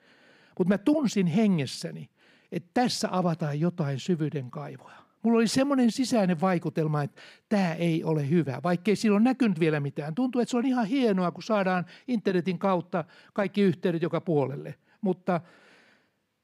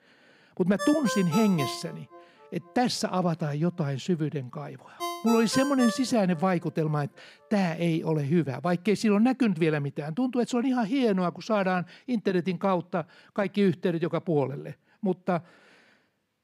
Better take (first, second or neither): first